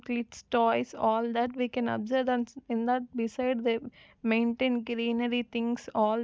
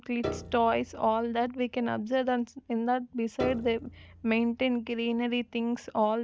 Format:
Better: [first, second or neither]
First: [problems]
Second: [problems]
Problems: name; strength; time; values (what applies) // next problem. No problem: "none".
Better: first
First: none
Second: background sound (Piano); 13 dB below the speech